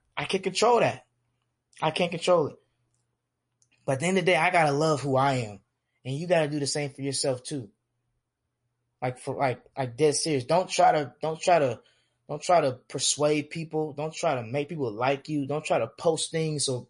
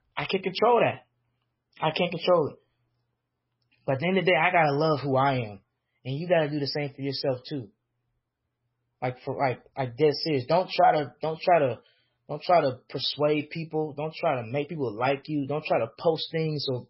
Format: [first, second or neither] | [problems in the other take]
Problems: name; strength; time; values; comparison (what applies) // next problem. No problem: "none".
first | garbled, watery; badly; nothing above 5.5 kHz; slightly in the first